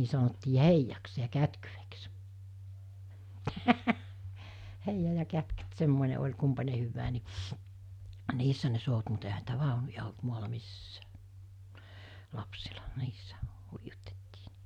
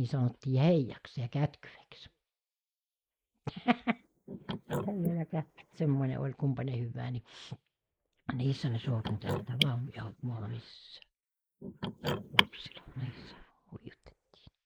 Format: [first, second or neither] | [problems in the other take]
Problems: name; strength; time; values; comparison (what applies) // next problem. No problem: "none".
first | noise reduction (neural mask model Resemble Enhance denoiser)